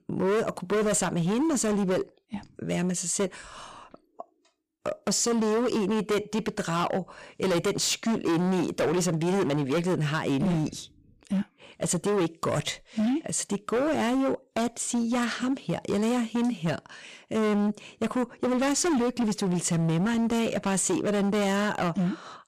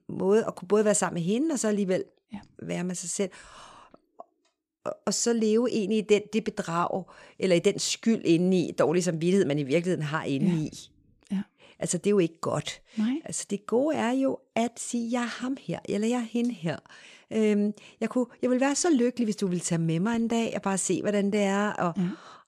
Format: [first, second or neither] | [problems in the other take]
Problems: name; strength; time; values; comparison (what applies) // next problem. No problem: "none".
second | distortion; heavy; 21% of the sound clipped